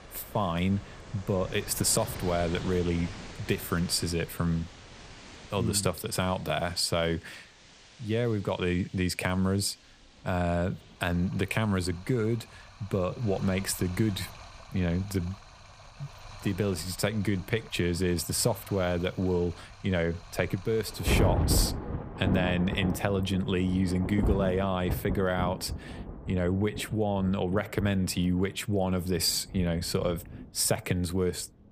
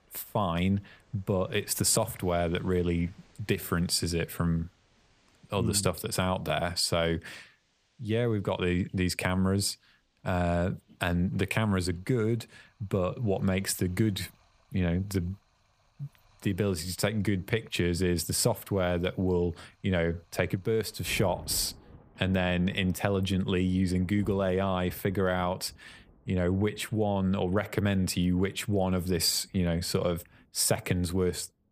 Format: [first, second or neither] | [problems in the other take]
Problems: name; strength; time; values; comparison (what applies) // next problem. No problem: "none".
second | rain or running water; loud; throughout; 9 dB below the speech; faint in the second